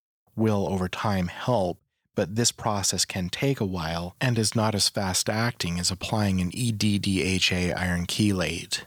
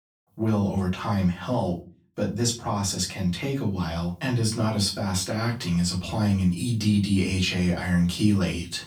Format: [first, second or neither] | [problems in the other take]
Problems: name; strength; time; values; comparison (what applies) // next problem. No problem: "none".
first | off-mic speech; far // room echo; slight; dies away in 0.3 s